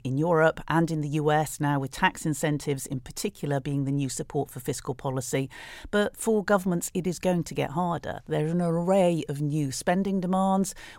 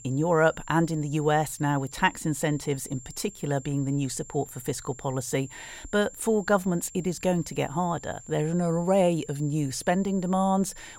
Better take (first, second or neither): first